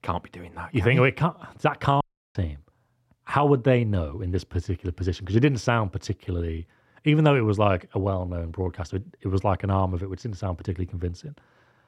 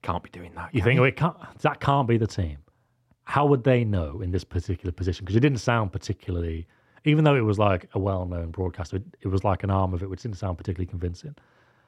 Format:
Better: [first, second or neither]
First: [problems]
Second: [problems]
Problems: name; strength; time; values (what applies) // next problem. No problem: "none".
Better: second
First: audio cutting out; at 2 s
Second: none